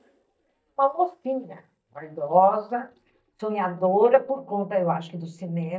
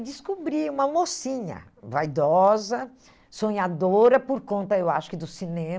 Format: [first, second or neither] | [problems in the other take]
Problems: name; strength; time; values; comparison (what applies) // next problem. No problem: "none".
second | noise reduction (neural mask model DeepFilterNet 3)